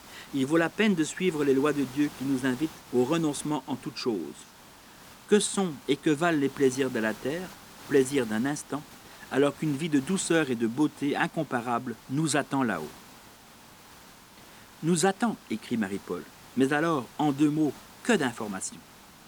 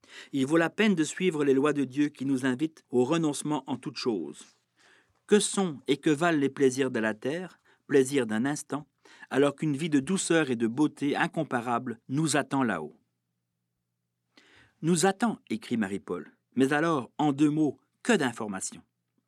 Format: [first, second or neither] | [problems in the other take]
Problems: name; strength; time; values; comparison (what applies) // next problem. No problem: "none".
second | hiss; noticeable; throughout; 20 dB below the speech